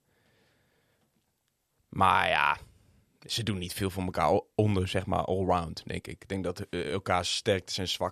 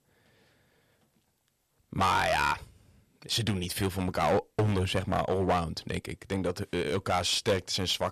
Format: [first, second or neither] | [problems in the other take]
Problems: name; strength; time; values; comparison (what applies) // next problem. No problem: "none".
first | distortion; heavy; 5% of the sound clipped